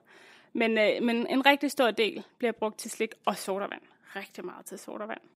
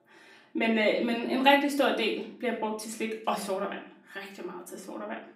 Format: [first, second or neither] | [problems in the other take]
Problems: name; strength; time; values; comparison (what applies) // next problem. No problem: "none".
first | room echo; slight; dies away in 0.4 s // off-mic speech; far